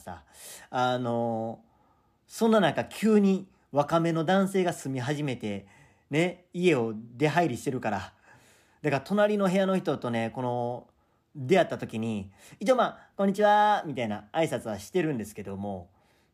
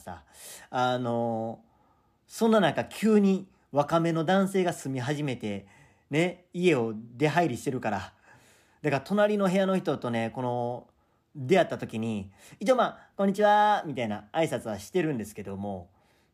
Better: neither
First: none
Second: none

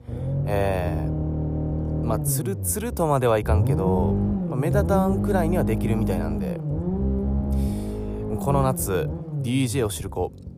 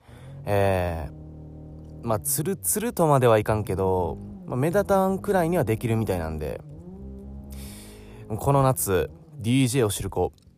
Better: second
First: low rumble; loud; throughout; 7 dB below the speech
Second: low rumble; faint; throughout; 25 dB below the speech

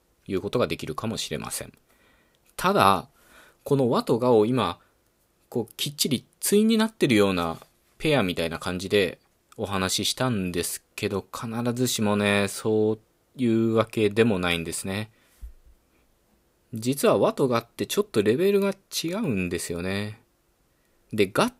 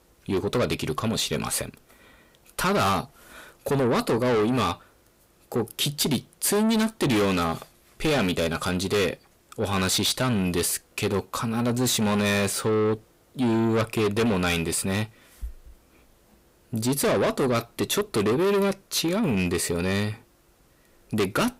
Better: first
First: none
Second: distortion; heavy; 6 dB below the speech

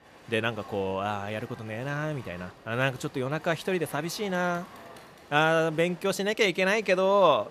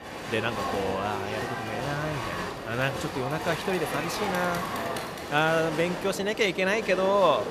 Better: first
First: crowd noise; faint; throughout; 20 dB below the speech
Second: crowd noise; loud; throughout; 5 dB below the speech

